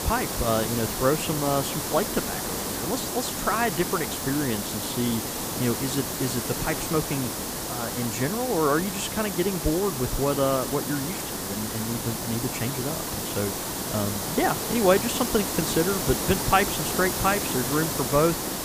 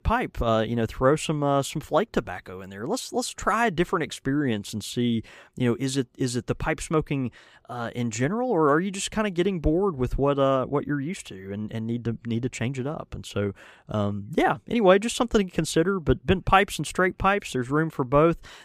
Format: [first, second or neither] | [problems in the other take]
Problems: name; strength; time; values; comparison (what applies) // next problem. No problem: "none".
second | hiss; loud; throughout; 2 dB below the speech